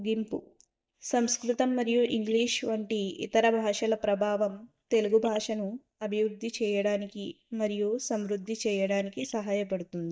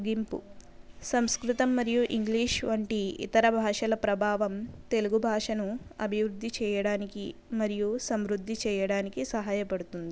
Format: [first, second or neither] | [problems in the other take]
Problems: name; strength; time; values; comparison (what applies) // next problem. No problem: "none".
second | noise reduction (neural mask model DeepFilterNet 3)